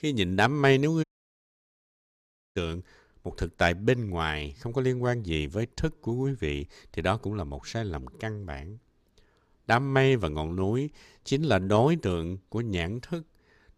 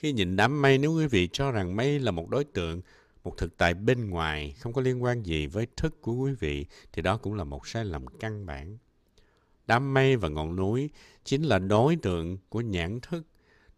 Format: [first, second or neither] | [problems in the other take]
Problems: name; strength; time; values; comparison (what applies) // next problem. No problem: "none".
second | audio cutting out; at 1 s for 1.5 s